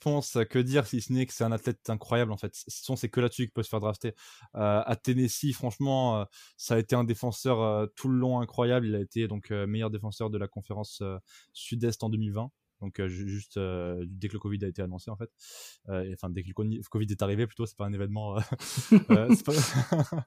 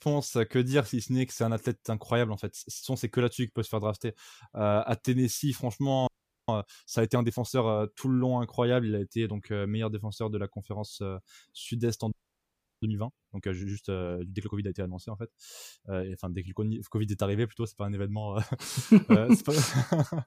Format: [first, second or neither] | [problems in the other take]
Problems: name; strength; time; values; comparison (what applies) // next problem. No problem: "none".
first | audio freezing; at 6 s and at 12 s for 0.5 s